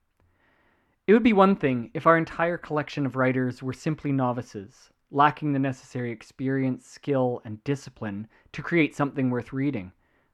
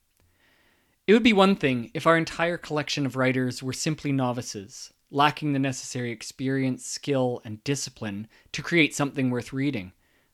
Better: second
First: muffled; very; fading above 2.5 kHz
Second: none

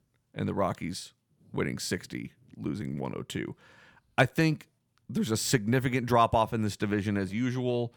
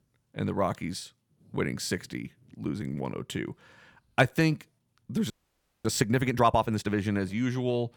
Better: first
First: none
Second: audio freezing; at 5.5 s for 0.5 s

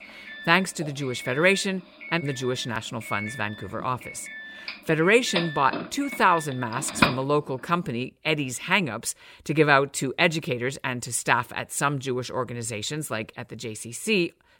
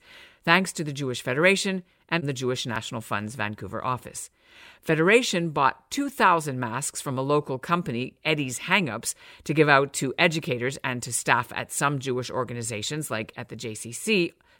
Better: second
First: doorbell; loud; from 4.5 to 7 s; peak 2 dB above the speech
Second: none

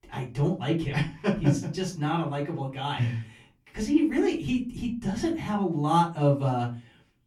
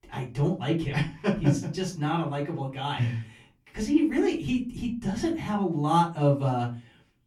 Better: neither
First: off-mic speech; far // room echo; very slight; dies away in 0.3 s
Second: off-mic speech; far // room echo; very slight; dies away in 0.3 s

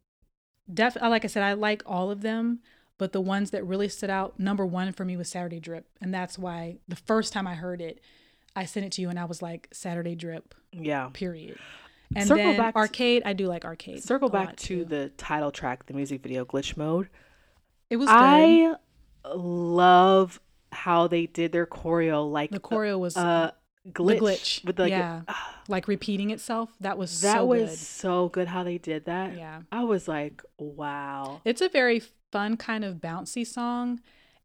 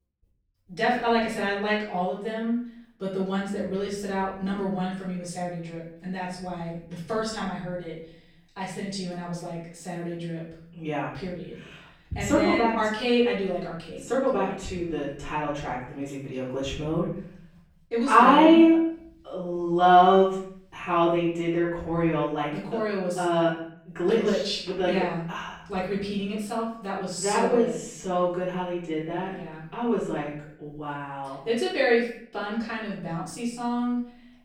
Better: first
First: none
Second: off-mic speech; far // room echo; noticeable; dies away in 0.7 s

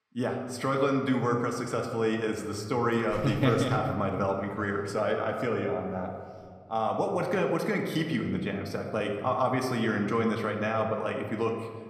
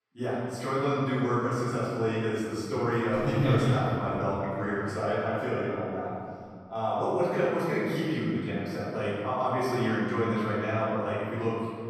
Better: first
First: room echo; slight; dies away in 1.4 s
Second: room echo; strong; dies away in 2.1 s // off-mic speech; far

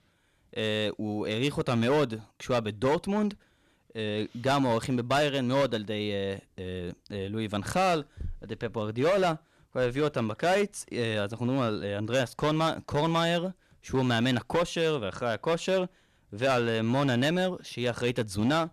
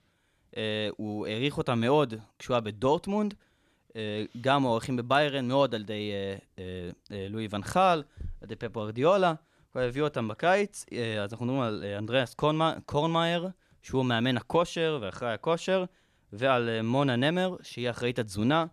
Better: second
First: distortion; slight; 7% of the sound clipped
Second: none

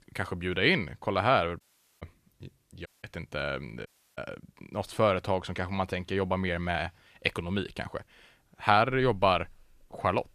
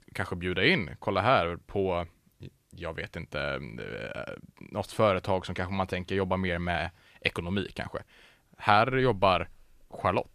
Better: second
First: audio cutting out; at 1.5 s, at 3 s and at 4 s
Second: none

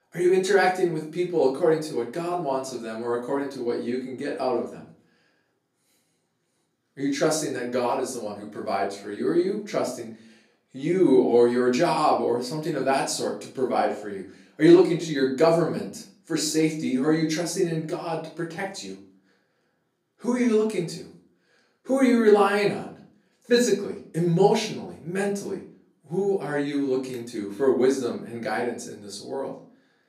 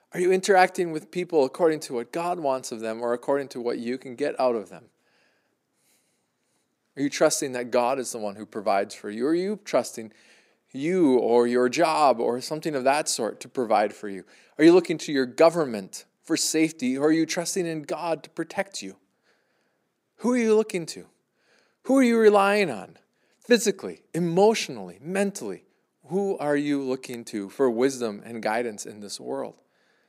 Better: second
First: room echo; slight; dies away in 0.4 s // off-mic speech; far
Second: none

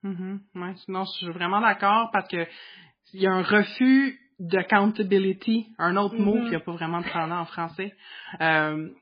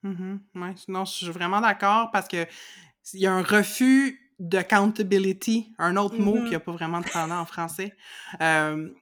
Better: second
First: garbled, watery; badly; nothing above 4.5 kHz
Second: none

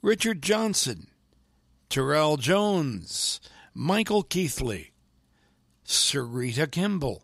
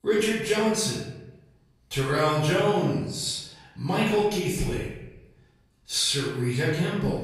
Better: first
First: none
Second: off-mic speech; far // room echo; noticeable; dies away in 0.8 s

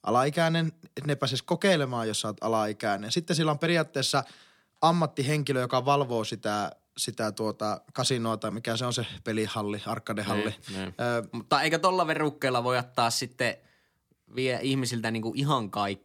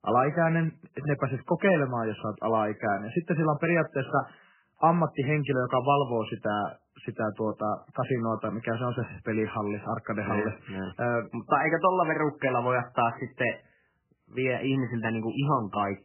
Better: first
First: none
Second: garbled, watery; badly; nothing above 3 kHz

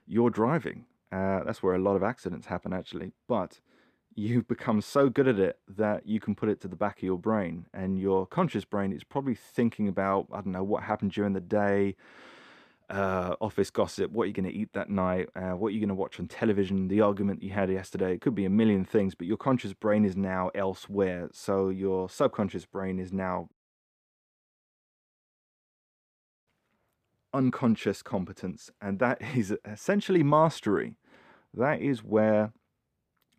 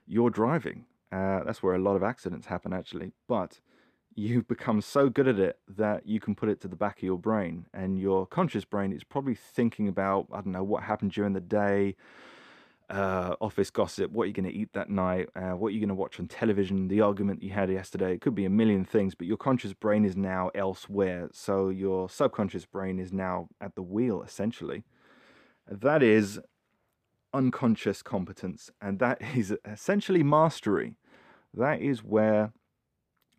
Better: second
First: audio cutting out; at 24 s for 3 s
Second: none

